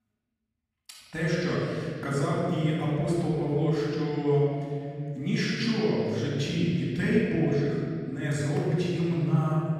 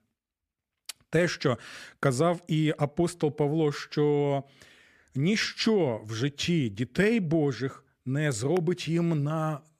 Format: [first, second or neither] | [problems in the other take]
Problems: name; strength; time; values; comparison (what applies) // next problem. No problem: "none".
second | room echo; strong; dies away in 2.8 s // off-mic speech; far